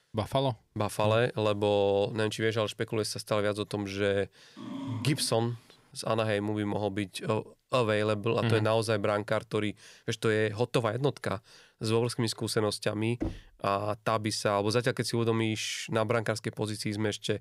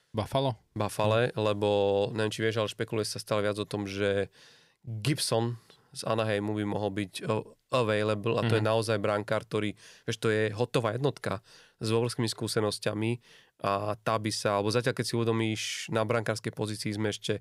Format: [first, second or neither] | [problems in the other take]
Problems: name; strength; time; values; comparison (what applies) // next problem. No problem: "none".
second | dog barking; noticeable; at 4.5 s; peak 9 dB below the speech // door banging; noticeable; at 13 s; peak 8 dB below the speech